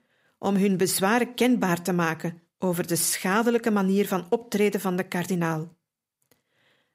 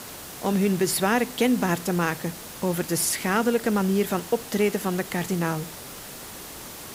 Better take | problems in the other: first | hiss; noticeable; throughout; 15 dB below the speech

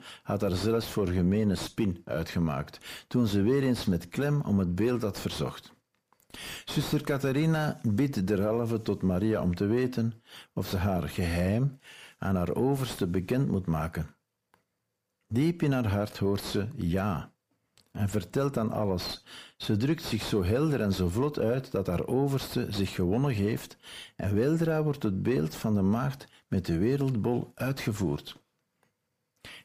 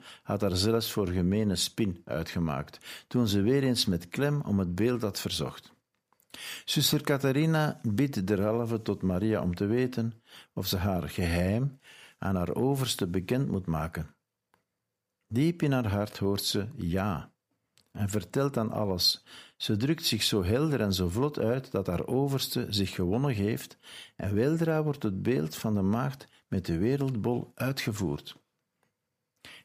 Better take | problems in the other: second | distortion; slight; 10 dB below the speech

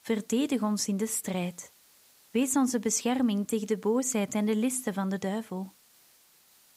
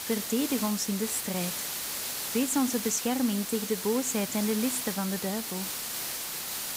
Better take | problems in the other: first | hiss; loud; throughout; 3 dB below the speech; faint in the first

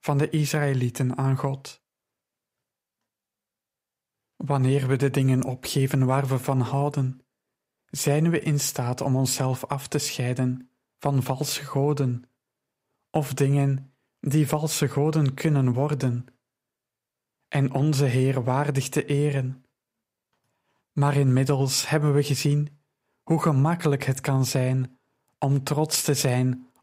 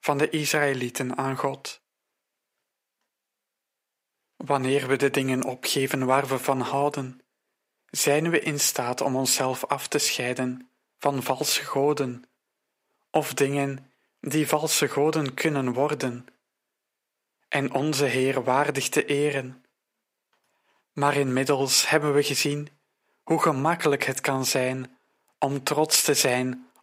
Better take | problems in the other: first | thin; somewhat; fading below 300 Hz

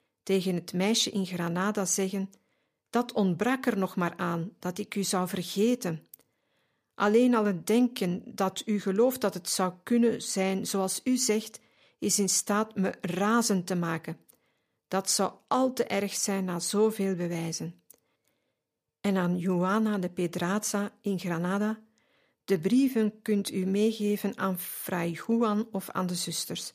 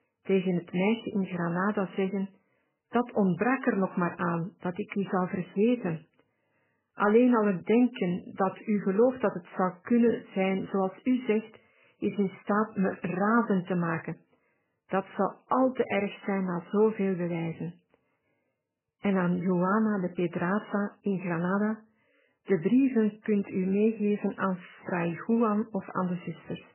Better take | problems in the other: first | garbled, watery; badly; nothing above 3 kHz

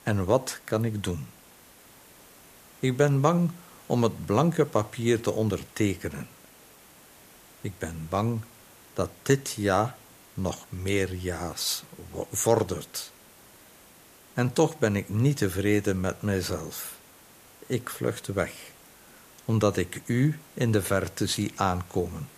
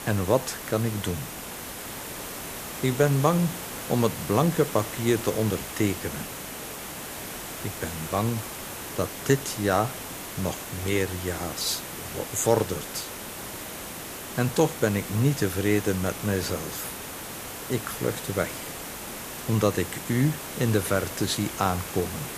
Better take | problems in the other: first | hiss; loud; throughout; 8 dB below the speech; faint in the first

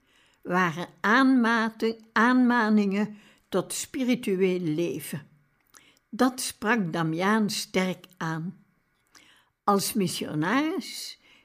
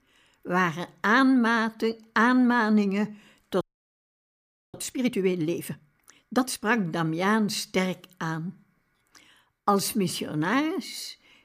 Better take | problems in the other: first | audio freezing; at 3.5 s for 1 s

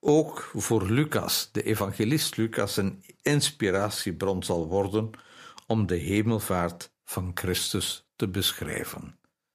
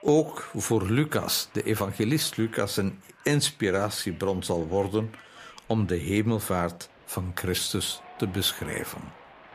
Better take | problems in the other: first | crowd noise; faint; throughout; 25 dB below the speech

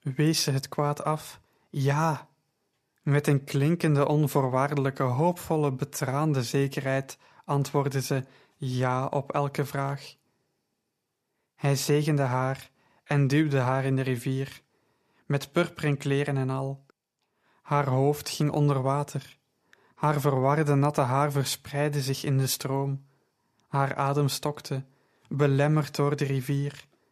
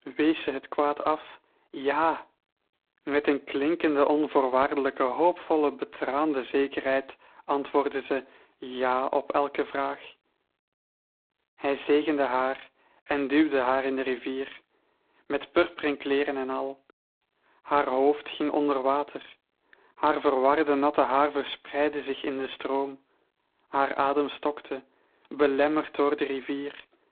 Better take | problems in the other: first | phone-call audio; poor line; nothing above 4 kHz

